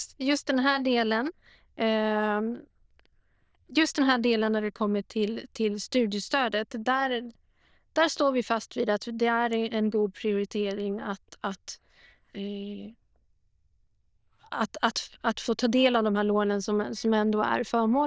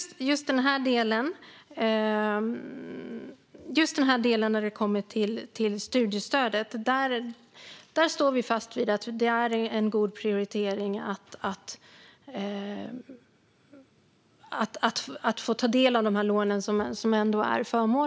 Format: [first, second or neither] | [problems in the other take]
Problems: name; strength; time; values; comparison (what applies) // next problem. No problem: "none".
second | noise reduction (neural diffusion model UNIVERSE++)